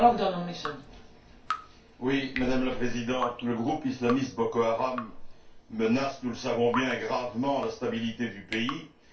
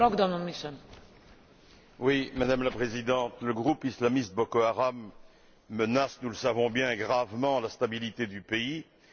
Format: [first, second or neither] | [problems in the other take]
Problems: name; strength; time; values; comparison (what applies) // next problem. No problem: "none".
second | background sound (Drip); 13 dB below the speech // room echo; dies away in 0.2 s